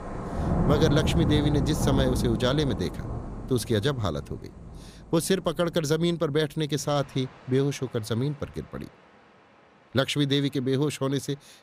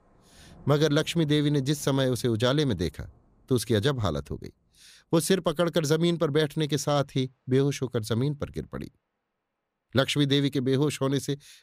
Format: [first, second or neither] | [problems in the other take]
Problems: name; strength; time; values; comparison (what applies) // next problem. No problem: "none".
second | rain or running water; loud; throughout; 2 dB below the speech; faint in the second